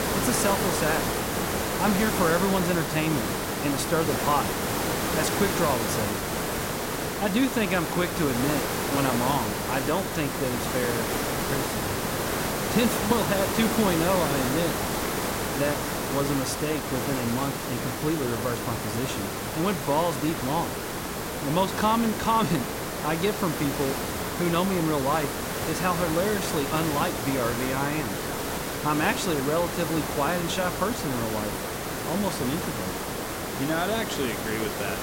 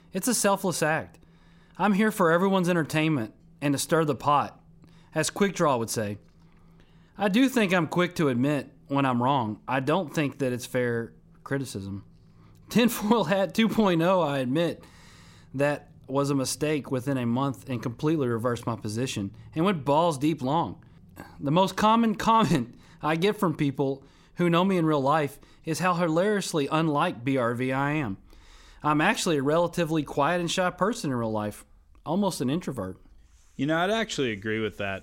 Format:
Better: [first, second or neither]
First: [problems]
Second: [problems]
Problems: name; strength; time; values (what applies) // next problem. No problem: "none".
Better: second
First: hiss; loud; throughout; 1 dB below the speech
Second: none